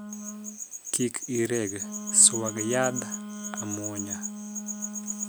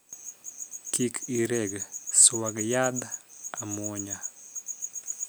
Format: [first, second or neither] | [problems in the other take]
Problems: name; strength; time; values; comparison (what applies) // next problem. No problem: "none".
second | background sound (Wind instrument, woodwind instrument); 11 dB below the speech